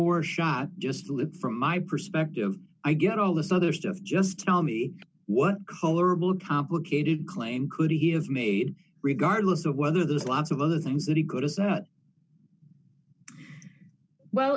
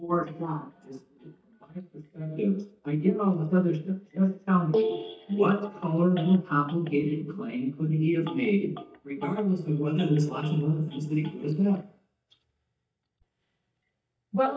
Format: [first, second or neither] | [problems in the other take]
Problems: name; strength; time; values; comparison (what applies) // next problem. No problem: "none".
first | noise reduction (neural mask model DeepFilterNet 3)